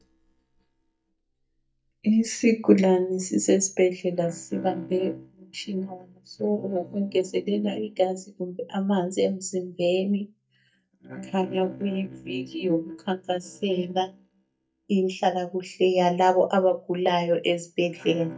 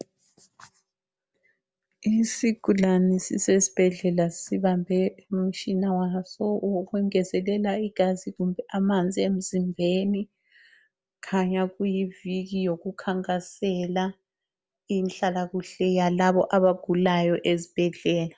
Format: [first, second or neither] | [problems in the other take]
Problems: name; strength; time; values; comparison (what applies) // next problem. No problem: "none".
second | noise reduction (neural mask model DeepFilterNet 3)